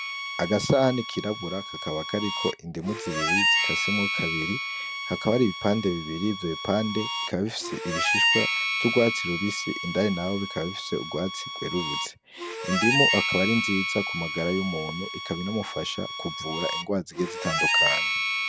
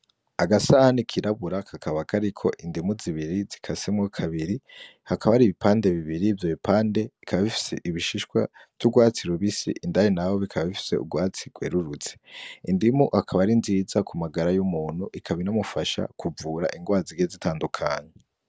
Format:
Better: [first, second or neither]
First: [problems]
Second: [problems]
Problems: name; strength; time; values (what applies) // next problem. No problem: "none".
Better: second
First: background sound (Harmonica); 1 dB below the speech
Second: none